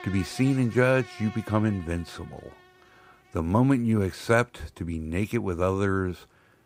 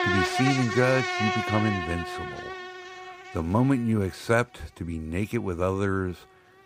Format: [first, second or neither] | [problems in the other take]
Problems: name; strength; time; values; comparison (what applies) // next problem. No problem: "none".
first | animal sounds; loud; throughout; 3 dB below the speech; faint in the first